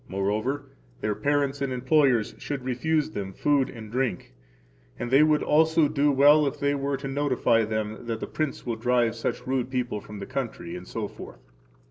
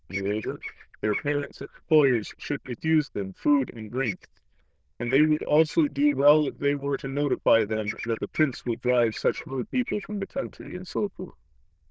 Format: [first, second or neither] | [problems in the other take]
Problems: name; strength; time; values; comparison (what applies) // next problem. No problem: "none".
first | noise reduction (neural diffusion model UNIVERSE++)